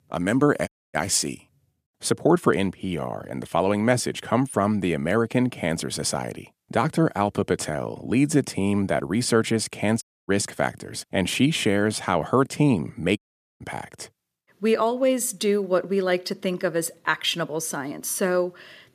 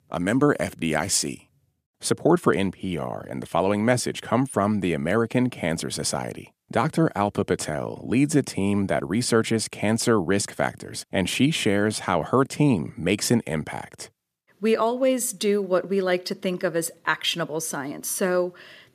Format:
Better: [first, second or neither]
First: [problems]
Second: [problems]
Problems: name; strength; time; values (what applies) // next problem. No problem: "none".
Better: second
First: audio cutting out; at 0.5 s, at 10 s and at 13 s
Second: none